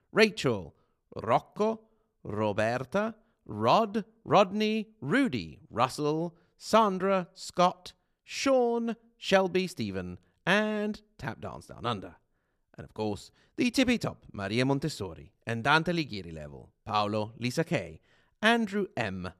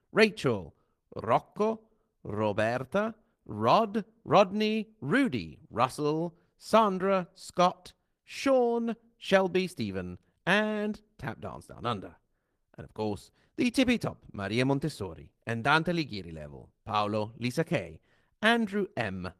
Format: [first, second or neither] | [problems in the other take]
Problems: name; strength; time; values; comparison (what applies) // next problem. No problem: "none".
first | garbled, watery; slightly; nothing above 14 kHz